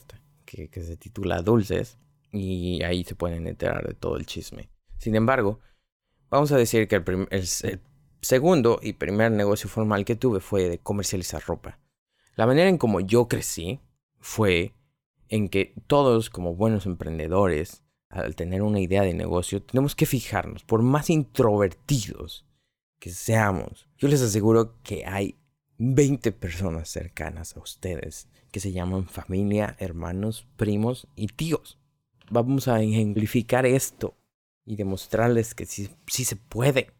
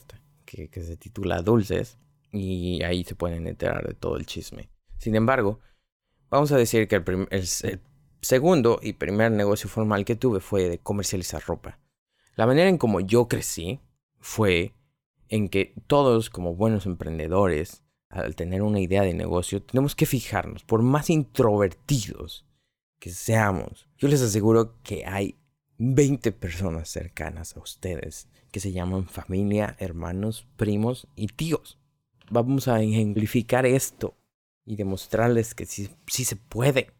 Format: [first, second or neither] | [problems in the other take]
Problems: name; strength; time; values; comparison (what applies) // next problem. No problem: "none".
neither | none